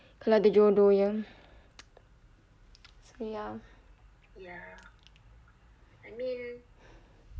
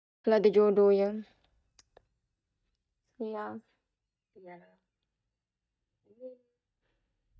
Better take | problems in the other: first | noise reduction (neural mask model DeepFilterNet 3)

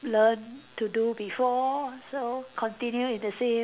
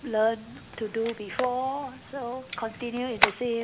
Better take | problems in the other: first | background sound (Camera); 4 dB below the speech

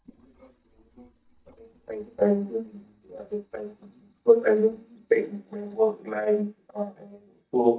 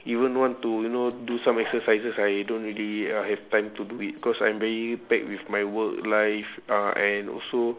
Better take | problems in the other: second | noise reduction (neural mask model DeepFilterNet 3)

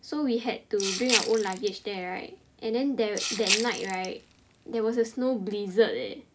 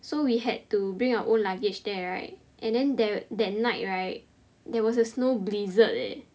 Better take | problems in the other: second | background sound (Rattle (instrument)); 4 dB below the speech

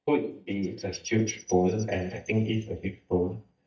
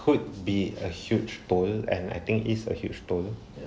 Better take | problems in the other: second | noise reduction (neural mask model DeepFilterNet 3)

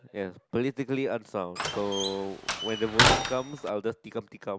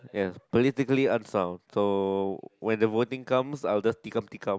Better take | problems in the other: second | background sound (Slam); 4 dB above the speech

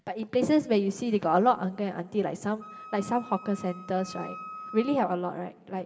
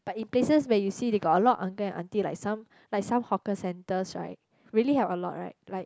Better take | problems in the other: second | background sound (Wind instrument, woodwind instrument); 16 dB below the speech // room echo; dies away in 2.3 s

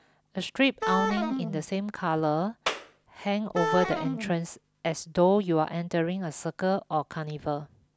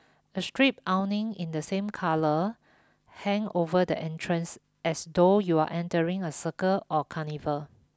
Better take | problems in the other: second | background sound (Wind instrument, woodwind instrument + Clapping); 3 dB below the speech

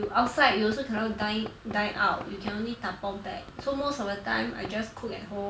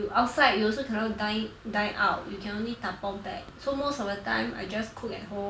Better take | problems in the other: second | background sound (Knock / Wood); 17 dB below the speech

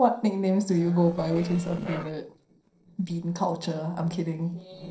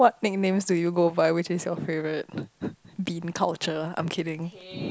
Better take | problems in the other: second | noise reduction (neural separator model SepFormer DNS4)

